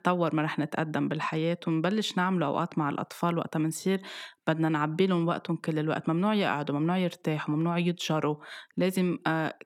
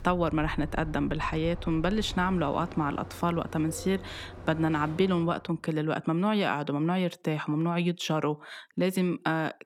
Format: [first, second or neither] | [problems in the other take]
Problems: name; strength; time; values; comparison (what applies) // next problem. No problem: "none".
first | train or aircraft noise; noticeable; until 5 s; 15 dB below the speech